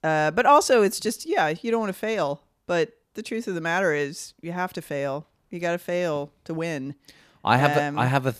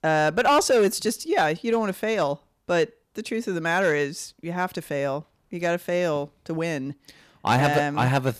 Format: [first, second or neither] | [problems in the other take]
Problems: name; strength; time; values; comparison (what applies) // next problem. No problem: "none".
first | distortion; slight; 3% of the sound clipped